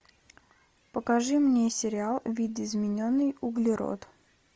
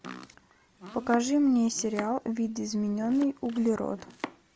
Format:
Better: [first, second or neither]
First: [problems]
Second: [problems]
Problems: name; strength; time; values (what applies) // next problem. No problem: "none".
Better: first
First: none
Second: background sound (Domestic sounds, home sounds); 16 dB below the speech